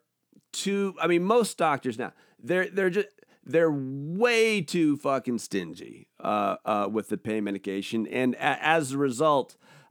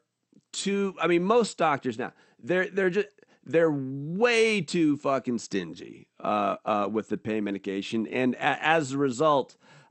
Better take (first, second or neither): first